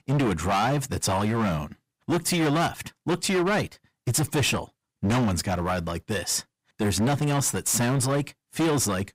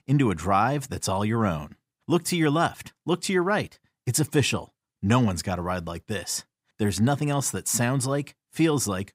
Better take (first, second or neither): second